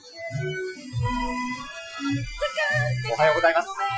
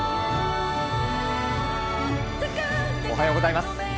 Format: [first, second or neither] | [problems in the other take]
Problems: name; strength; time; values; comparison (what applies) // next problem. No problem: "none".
second | noise reduction (classical method Wiener filter)